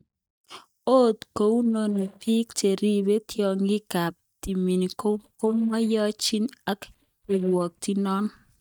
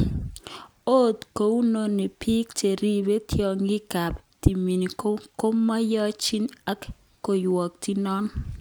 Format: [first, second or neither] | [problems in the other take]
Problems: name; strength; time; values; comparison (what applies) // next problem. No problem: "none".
second | noise reduction (neural mask model DeepFilterNet 3)